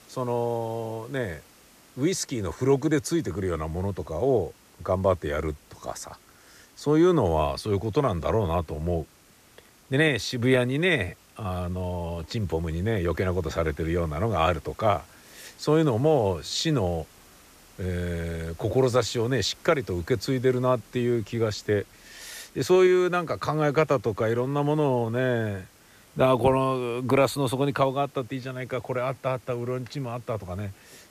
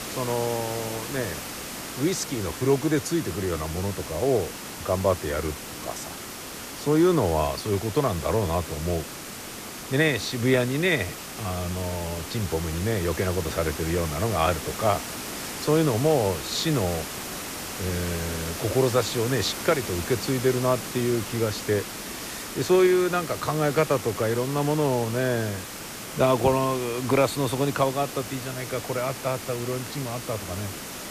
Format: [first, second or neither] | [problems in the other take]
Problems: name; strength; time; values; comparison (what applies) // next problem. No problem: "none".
first | hiss; loud; throughout; 8 dB below the speech; faint in the first